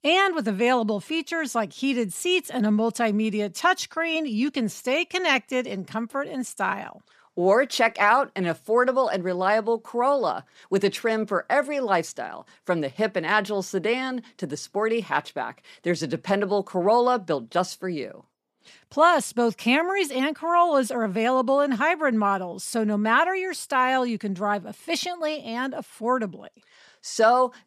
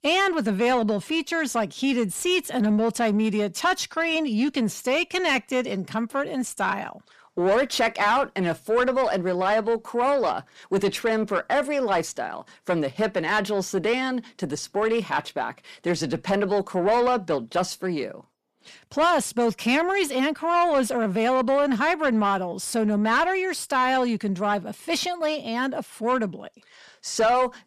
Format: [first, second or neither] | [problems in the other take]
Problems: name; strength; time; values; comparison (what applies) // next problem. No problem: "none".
first | distortion; slight; 10 dB below the speech